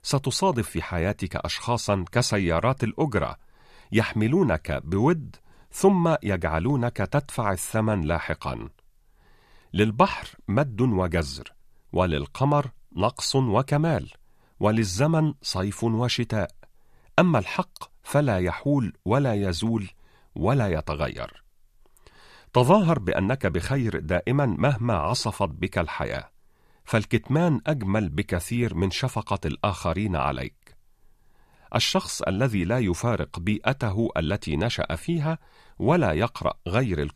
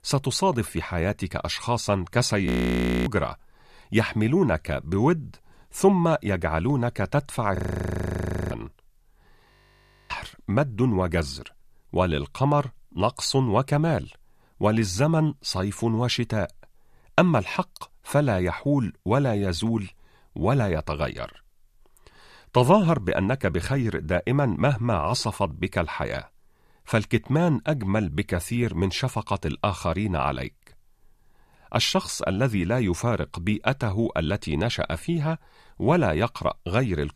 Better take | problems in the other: first | audio freezing; at 2.5 s for 0.5 s, at 7.5 s for 1 s and at 9.5 s for 0.5 s

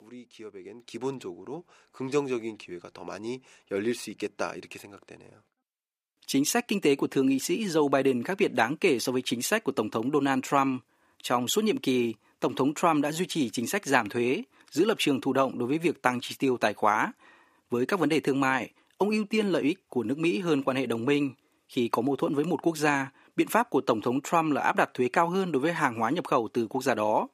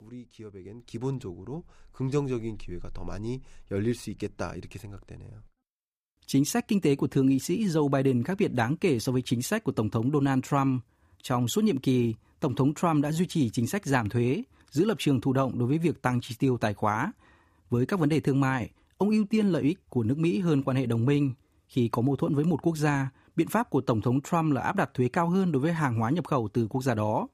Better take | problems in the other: second | thin; very slightly; fading below 300 Hz

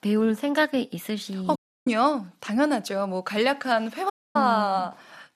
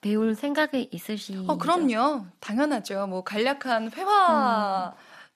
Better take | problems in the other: second | audio cutting out; at 1.5 s and at 4 s

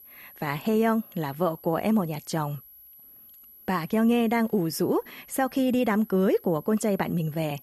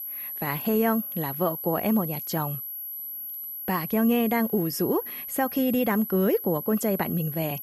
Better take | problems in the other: first | high-pitched whine; loud; throughout; 11.5 kHz, 7 dB below the speech; faint in the first

